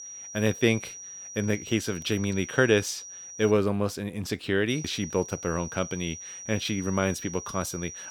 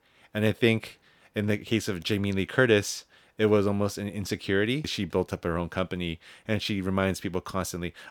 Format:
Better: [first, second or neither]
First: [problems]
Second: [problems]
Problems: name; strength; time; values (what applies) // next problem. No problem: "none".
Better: second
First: high-pitched whine; noticeable; until 3.5 s and from 4.5 s on; 6 kHz, 10 dB below the speech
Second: none